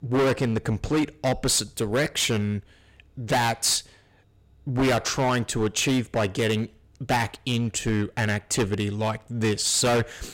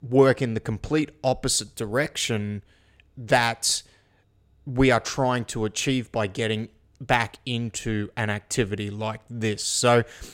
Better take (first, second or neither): second